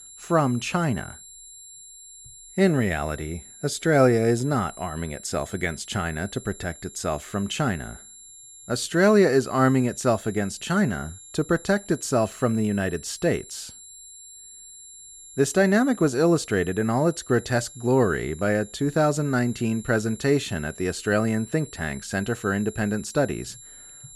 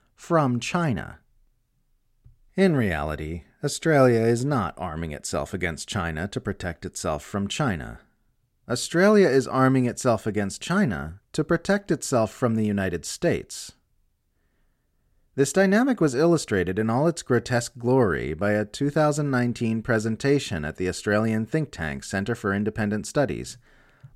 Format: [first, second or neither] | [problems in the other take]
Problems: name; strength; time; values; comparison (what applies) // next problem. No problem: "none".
second | high-pitched whine; noticeable; throughout; 7.5 kHz, 20 dB below the speech